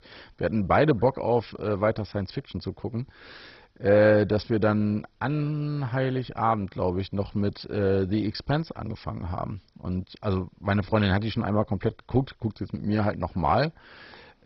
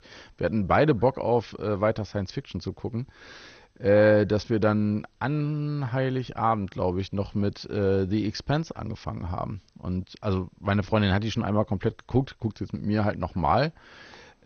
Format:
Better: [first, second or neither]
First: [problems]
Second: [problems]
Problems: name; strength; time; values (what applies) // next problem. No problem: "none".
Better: second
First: garbled, watery; badly; nothing above 5.5 kHz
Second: garbled, watery; slightly